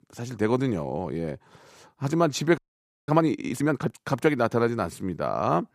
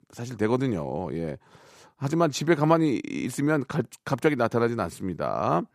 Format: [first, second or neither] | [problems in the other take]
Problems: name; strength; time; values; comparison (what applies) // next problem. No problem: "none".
second | audio freezing; at 2.5 s for 0.5 s